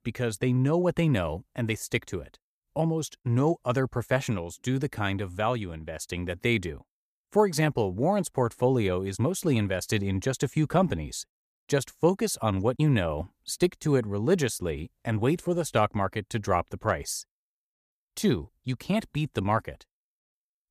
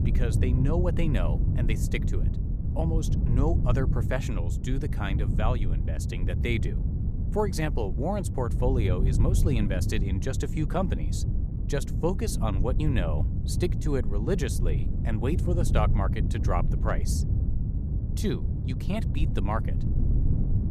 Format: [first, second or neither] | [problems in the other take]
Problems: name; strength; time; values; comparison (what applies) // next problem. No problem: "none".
first | wind noise on the microphone; heavy; 7 dB below the speech